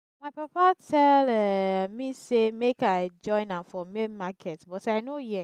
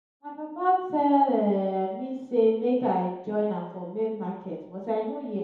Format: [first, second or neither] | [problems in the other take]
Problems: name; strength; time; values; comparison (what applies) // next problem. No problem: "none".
first | room echo; dies away in 2 s